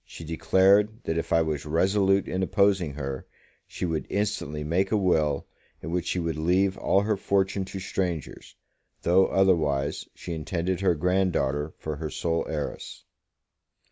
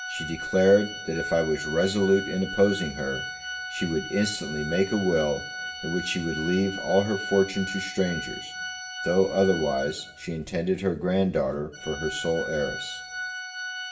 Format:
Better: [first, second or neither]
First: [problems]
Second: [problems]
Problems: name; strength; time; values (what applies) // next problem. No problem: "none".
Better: first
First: none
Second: background sound (Organ); 9 dB below the speech // room echo; dies away in 0.5 s